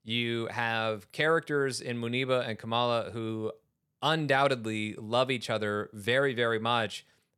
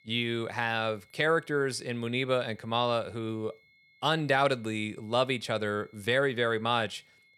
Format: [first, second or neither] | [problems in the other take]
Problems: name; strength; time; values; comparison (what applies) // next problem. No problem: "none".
first | high-pitched whine; faint; throughout; 2 kHz, 30 dB below the speech